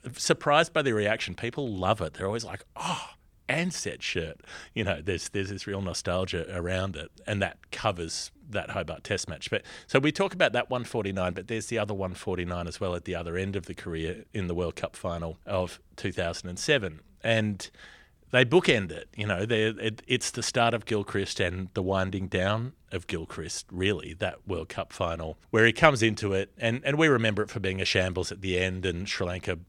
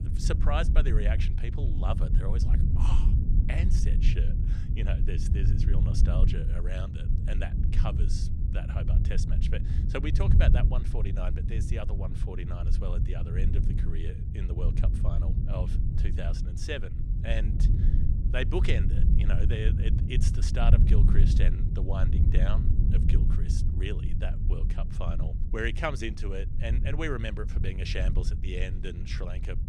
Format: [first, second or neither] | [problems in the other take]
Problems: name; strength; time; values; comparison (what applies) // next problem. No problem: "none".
first | low rumble; loud; throughout; 5 dB below the speech